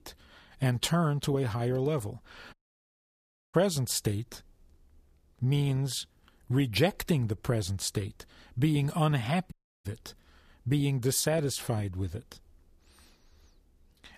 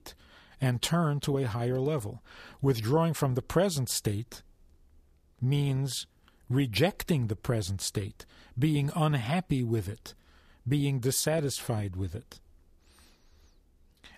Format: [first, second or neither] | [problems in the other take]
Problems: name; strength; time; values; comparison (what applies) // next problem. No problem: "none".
second | audio cutting out; at 2.5 s for 1 s and at 9.5 s